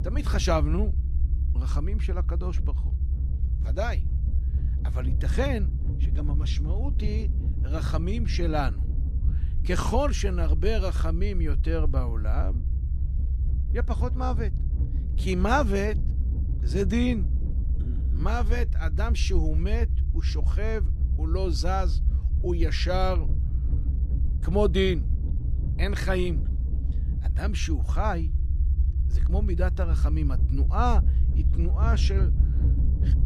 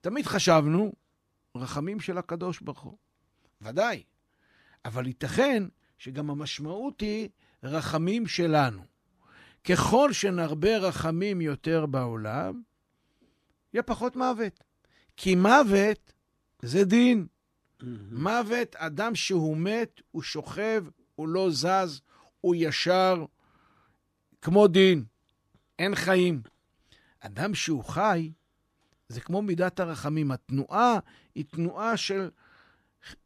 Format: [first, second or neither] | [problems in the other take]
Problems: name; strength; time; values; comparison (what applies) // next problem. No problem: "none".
second | low rumble; noticeable; throughout; 15 dB below the speech